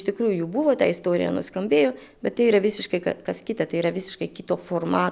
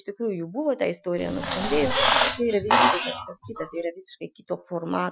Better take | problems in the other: first | noise reduction (classical method Wiener filter)

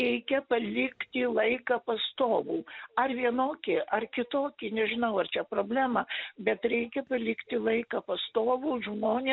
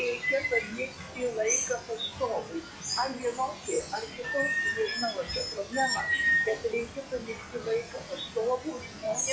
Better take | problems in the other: first | noise reduction (classical method log-MMSE)

